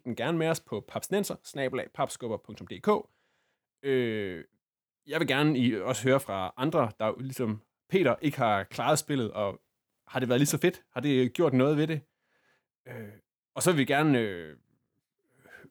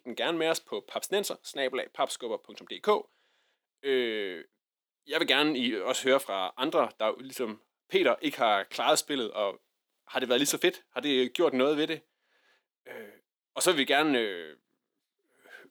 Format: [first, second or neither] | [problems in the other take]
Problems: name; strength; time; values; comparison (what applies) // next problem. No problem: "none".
first | thin; very slightly; fading below 300 Hz